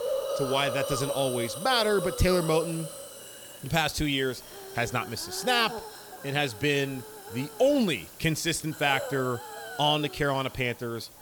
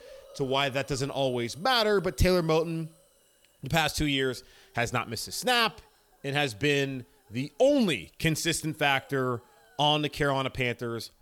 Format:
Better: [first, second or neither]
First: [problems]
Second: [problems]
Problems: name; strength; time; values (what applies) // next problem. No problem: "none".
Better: second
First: hiss; loud; throughout; 10 dB below the speech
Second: hiss; faint; throughout; 30 dB below the speech